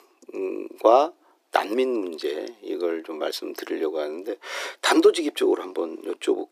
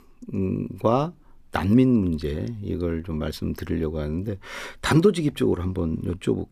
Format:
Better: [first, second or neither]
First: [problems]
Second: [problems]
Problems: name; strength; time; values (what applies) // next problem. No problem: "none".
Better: second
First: thin; very; fading below 300 Hz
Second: none